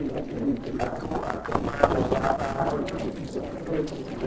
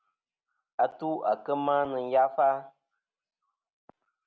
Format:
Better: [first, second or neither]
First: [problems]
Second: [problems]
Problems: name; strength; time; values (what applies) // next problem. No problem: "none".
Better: second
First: noise reduction (neural separator model SepFormer DNS4)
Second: none